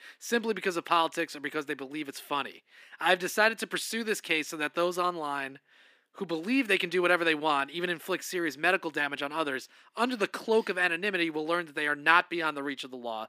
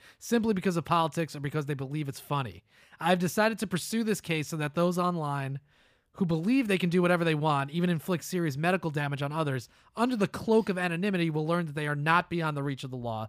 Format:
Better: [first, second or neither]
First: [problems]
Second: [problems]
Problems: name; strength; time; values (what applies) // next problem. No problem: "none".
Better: second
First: thin; somewhat; fading below 300 Hz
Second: none